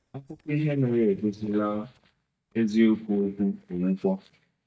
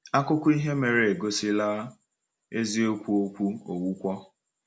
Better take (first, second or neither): second